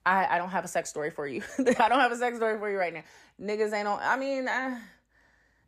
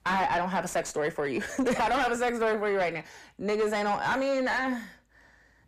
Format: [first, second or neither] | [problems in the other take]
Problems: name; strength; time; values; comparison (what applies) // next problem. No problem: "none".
first | distortion; heavy; 6 dB below the speech